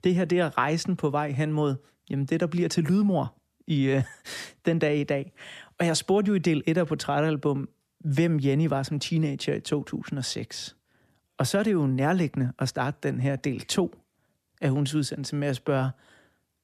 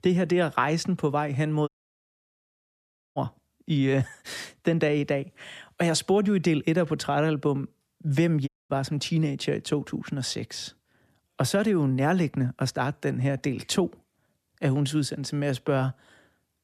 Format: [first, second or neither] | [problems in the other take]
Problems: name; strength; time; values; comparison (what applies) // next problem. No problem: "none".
first | audio cutting out; at 1.5 s for 1.5 s and at 8.5 s